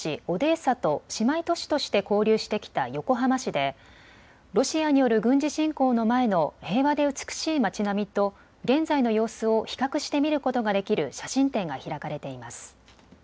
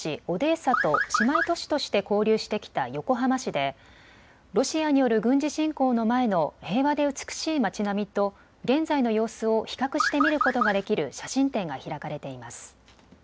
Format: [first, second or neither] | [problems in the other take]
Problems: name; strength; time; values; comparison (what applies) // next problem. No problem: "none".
first | background sound (Car); 2 dB below the speech